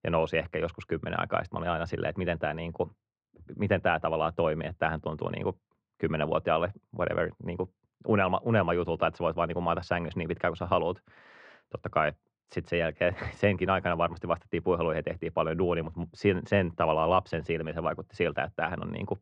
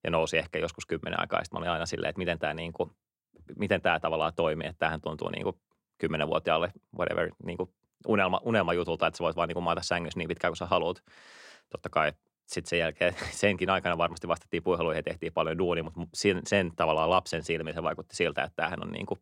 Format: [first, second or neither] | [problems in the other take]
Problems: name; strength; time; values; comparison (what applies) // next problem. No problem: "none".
second | muffled; very; fading above 2.5 kHz